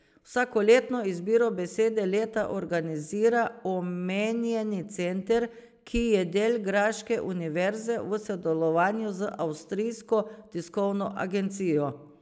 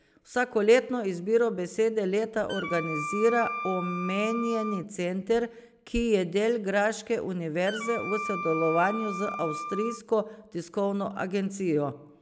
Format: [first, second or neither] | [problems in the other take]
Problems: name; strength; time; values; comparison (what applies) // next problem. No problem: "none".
first | background sound (Wind instrument, woodwind instrument); 8 dB below the speech